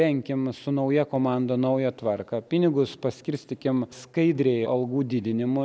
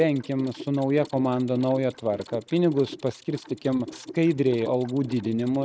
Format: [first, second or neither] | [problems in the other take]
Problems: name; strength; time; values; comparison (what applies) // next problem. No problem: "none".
first | noise reduction (neural mask model RNNoise)